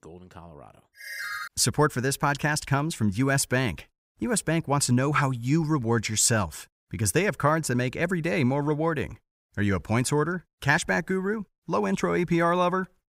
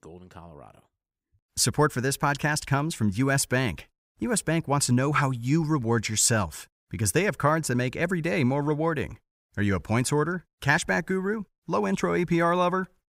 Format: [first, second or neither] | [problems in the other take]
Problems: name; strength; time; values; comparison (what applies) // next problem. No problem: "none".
second | phone ringing; noticeable; at 1 s; peak 7 dB below the speech